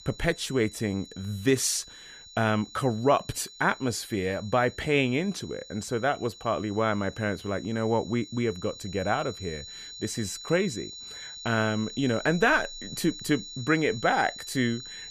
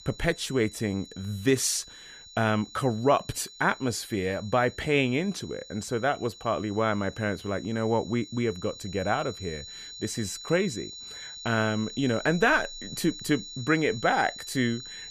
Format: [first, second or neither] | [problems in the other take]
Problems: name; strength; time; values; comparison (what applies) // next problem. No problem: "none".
neither | high-pitched whine; noticeable; throughout; 4 kHz, 15 dB below the speech; the same in both